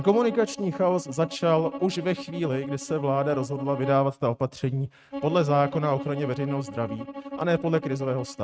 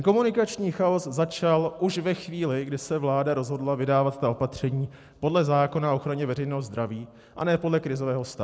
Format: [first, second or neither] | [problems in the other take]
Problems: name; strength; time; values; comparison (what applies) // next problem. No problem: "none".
second | noise reduction (neural mask model RNNoise)